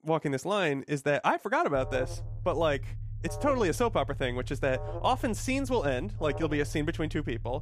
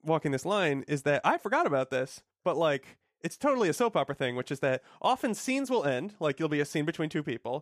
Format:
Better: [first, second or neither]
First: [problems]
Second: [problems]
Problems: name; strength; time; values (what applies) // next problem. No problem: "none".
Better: second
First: alarm; noticeable; from 1.5 s on; peak 8 dB below the speech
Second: none